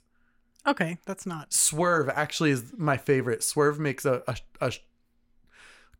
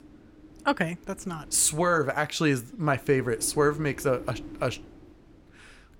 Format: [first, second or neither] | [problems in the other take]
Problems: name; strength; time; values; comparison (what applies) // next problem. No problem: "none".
first | wind noise on the microphone; occasional gusts; 25 dB below the speech